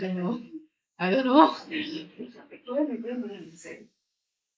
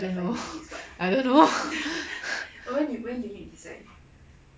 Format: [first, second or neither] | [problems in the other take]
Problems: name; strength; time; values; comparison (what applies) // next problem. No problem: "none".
second | noise reduction (neural mask model Resemble Enhance denoiser)